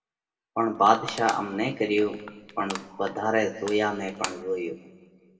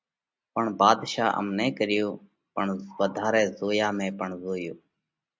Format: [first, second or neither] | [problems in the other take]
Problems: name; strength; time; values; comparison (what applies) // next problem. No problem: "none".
second | background sound (Crushing); 14 dB below the speech // room echo; dies away in 1.4 s